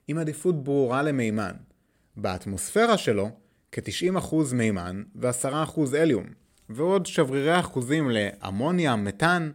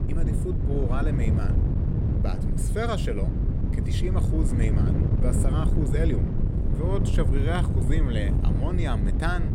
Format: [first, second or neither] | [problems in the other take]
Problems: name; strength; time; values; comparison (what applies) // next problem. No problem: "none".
first | wind noise on the microphone; heavy; 3 dB below the speech